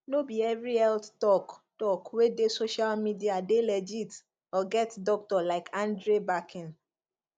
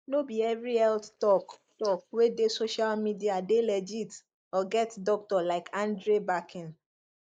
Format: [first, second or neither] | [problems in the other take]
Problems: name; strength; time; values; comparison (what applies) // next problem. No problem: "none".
first | noise reduction (neural mask model Resemble Enhance denoiser)